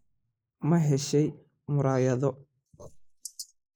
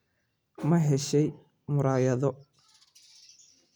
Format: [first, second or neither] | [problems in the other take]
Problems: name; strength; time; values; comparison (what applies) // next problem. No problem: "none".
second | noise reduction (neural mask model Resemble Enhance denoiser)